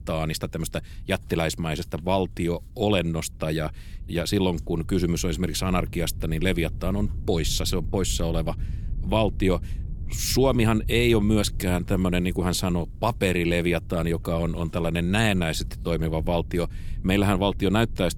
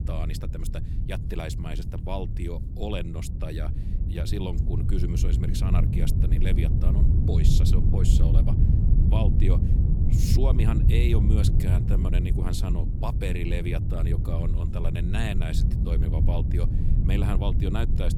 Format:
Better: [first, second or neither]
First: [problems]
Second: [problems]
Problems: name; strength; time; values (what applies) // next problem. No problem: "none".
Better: first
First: low rumble; faint; throughout; 25 dB below the speech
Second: low rumble; loud; throughout; 2 dB below the speech